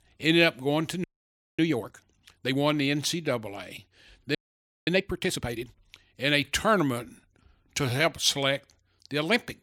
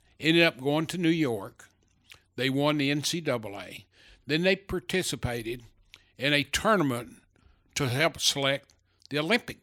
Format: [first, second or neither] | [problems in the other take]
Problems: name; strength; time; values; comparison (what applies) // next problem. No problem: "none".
second | audio freezing; at 1 s for 0.5 s and at 4.5 s for 0.5 s